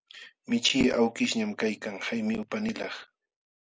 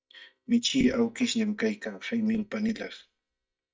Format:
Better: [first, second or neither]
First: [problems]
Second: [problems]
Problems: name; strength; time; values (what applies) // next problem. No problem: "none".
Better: first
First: none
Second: noise reduction (neural mask model DeepFilterNet 3)